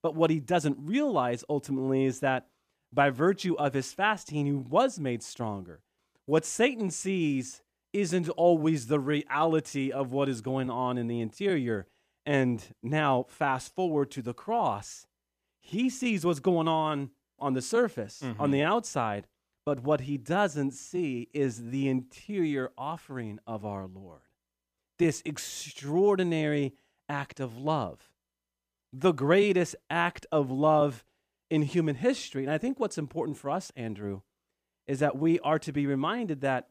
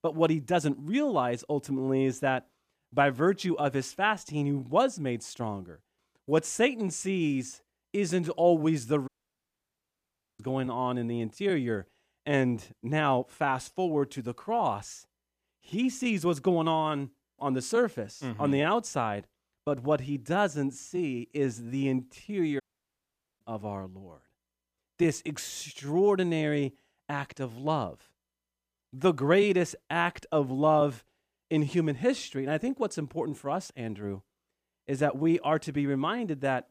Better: first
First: none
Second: audio cutting out; at 9 s for 1.5 s and at 23 s for 1 s

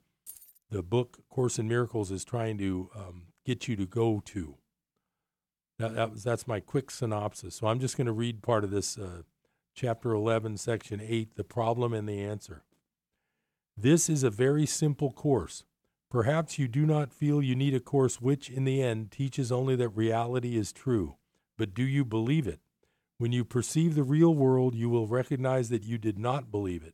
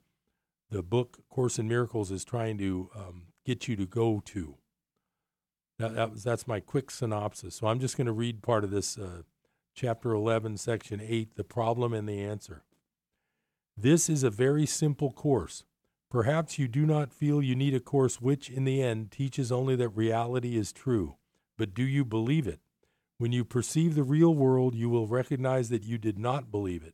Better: second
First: jangling keys; faint; at 0.5 s; peak 20 dB below the speech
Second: none

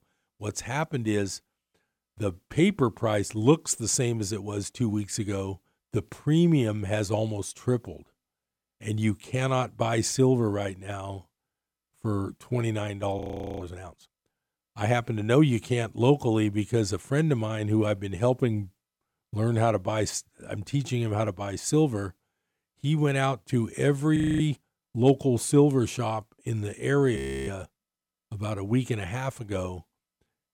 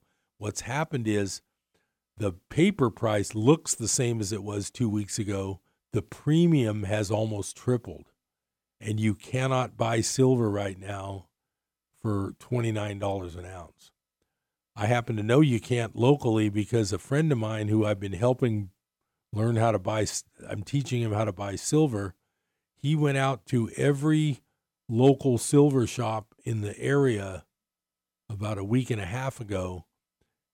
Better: second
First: audio freezing; at 13 s, at 24 s and at 27 s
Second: none

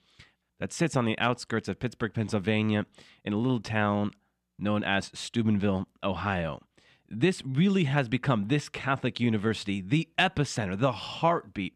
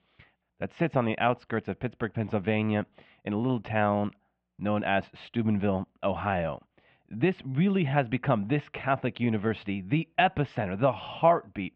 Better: first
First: none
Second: muffled; very; fading above 2.5 kHz

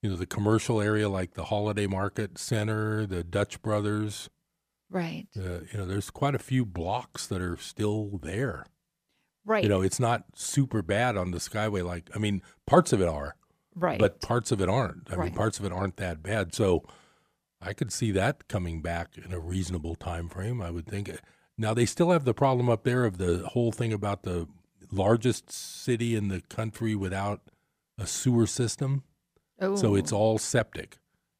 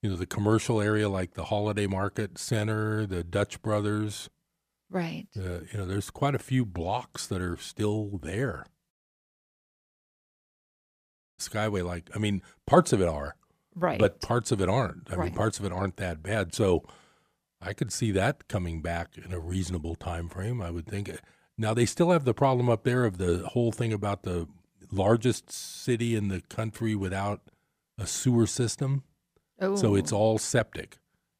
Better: first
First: none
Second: audio cutting out; at 9 s for 2.5 s

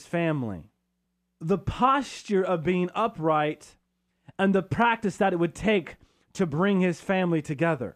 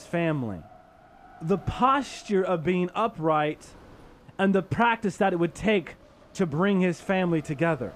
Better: first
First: none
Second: wind noise on the microphone; occasional gusts; 25 dB below the speech

